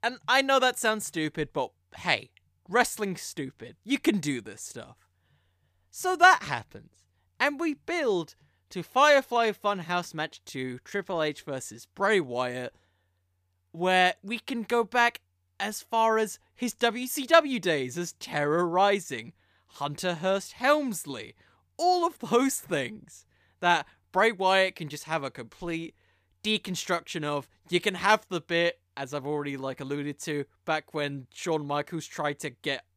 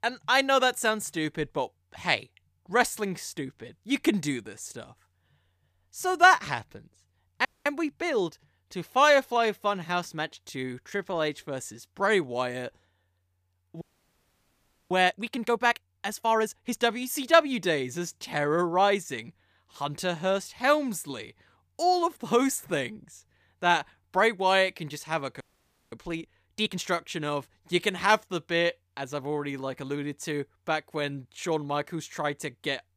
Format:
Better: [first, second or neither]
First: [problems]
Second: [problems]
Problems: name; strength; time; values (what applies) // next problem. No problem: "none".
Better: first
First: none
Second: audio freezing; at 7.5 s, at 14 s for 1 s and at 25 s for 0.5 s